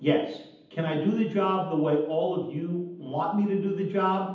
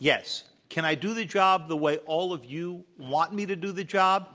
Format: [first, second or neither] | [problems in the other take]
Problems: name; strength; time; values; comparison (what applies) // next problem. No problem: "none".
second | room echo; dies away in 0.8 s